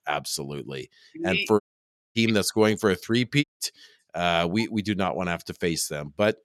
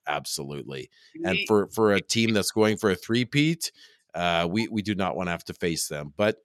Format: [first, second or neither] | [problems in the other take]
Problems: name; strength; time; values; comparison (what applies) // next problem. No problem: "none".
second | audio cutting out; at 1.5 s for 0.5 s and at 3.5 s